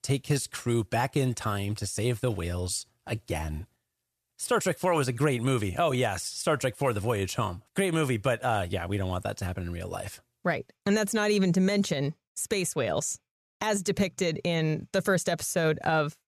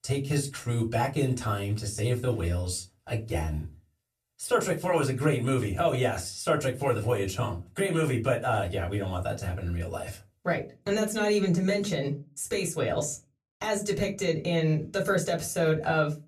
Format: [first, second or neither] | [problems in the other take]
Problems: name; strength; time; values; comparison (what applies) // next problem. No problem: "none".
first | off-mic speech; somewhat distant // room echo; very slight; dies away in 0.2 s